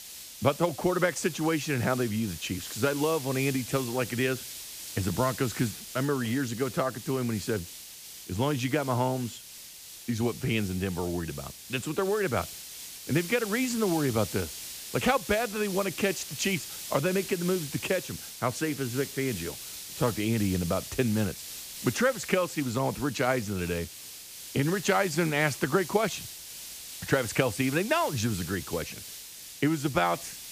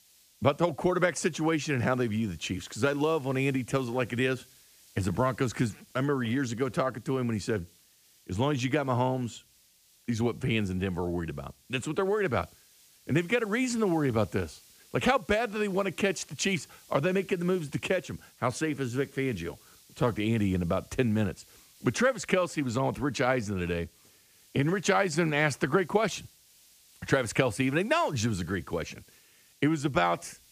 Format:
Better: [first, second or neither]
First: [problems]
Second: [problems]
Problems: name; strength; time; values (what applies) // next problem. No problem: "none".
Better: second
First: hiss; loud; throughout; 10 dB below the speech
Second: hiss; faint; throughout; 25 dB below the speech